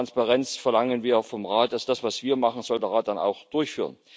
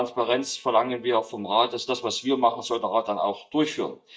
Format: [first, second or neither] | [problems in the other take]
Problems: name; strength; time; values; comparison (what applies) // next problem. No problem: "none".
first | noise reduction (neural mask model DeepFilterNet 3)